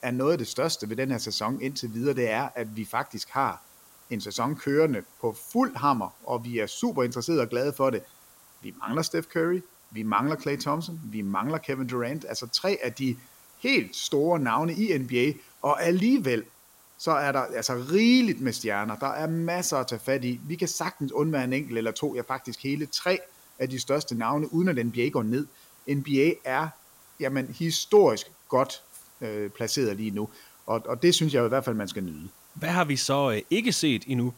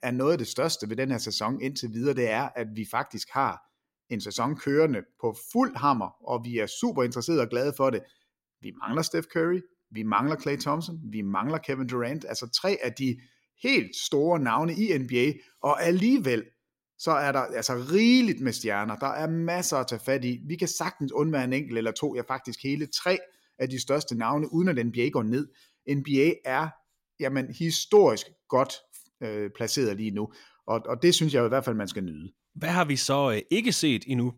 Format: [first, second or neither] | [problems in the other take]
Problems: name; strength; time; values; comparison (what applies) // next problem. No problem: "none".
second | hiss; faint; throughout; 25 dB below the speech